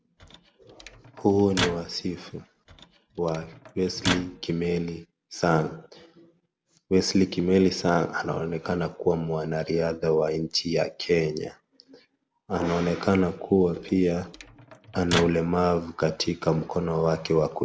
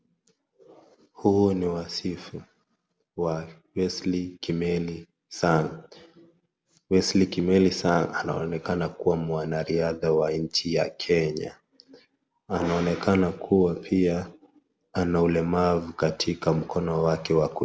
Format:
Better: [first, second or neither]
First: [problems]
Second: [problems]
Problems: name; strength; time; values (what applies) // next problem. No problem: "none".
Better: second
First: background sound (Microwave oven); 10 dB below the speech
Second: none